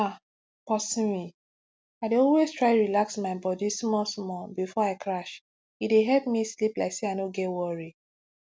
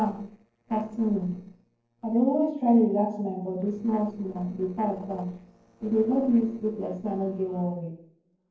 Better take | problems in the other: first | noise reduction (neural separator model SepFormer DNS4)

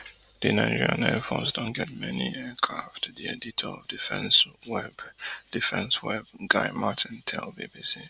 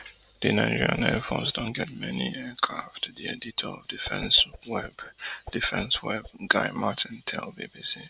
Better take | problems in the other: first | background sound (Whoosh, swoosh, swish); 16 dB below the speech

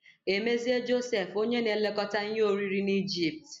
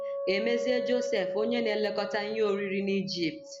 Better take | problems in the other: first | background sound (Acoustic guitar); 5 dB below the speech

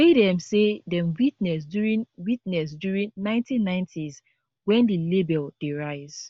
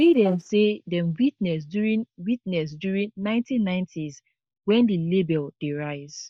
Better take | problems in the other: first | noise reduction (neural mask model DeepFilterNet 3)

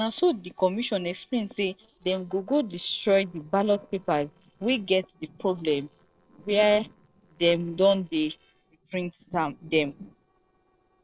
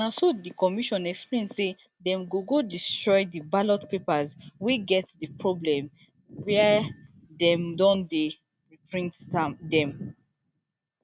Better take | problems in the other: second | noise reduction (neural separator model SepFormer DNS4)

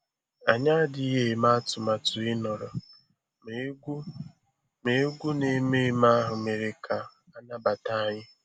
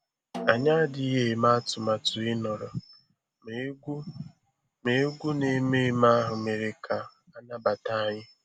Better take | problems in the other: first | background sound (Snare drum); 15 dB below the speech

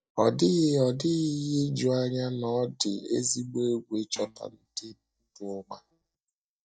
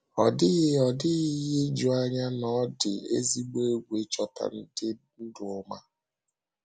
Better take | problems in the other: second | noise reduction (neural mask model DeepFilterNet 3)

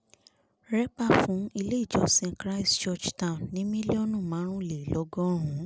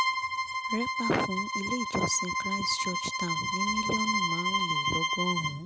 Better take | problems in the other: first | background sound (Bowed string instrument); 3 dB above the speech

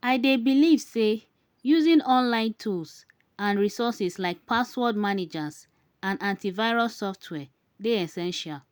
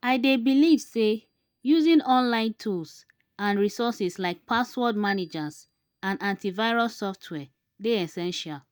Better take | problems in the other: first | noise reduction (neural mask model DeepFilterNet 3)

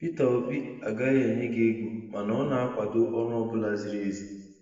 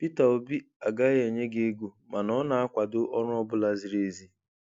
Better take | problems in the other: second | room echo; dies away in 1.2 s

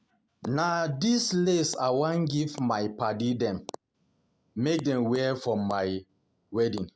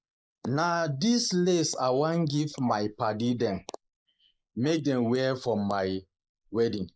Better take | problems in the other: first | noise reduction (neural mask model Resemble Enhance denoiser)

